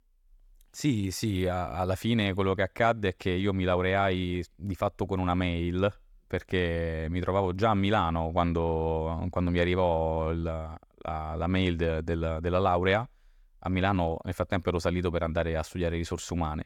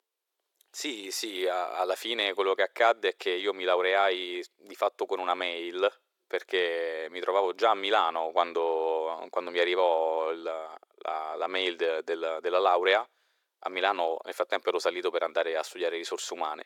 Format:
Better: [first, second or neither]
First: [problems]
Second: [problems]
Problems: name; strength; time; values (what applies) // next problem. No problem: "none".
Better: first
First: none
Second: thin; very; fading below 350 Hz